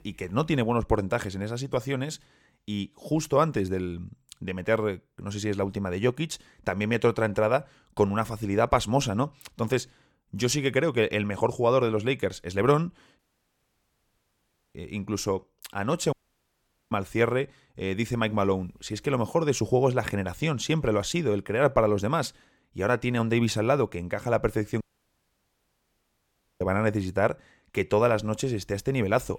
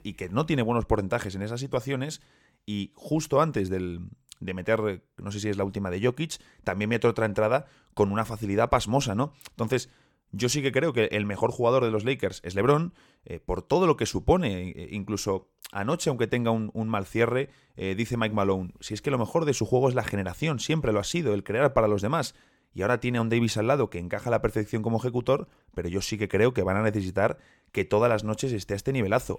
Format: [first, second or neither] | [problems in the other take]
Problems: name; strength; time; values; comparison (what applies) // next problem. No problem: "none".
second | audio cutting out; at 13 s for 1.5 s, at 16 s for 1 s and at 25 s for 2 s